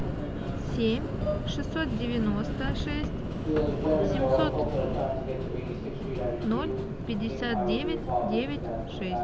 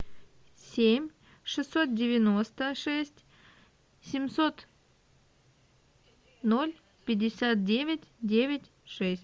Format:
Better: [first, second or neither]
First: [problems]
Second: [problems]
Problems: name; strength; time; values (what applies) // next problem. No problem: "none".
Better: second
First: background sound (Subway, metro, underground); 4 dB above the speech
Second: none